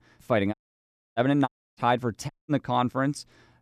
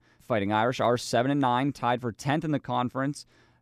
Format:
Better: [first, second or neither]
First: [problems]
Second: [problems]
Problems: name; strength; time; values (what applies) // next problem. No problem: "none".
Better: second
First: audio cutting out; at 0.5 s for 0.5 s, at 1.5 s and at 2.5 s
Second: none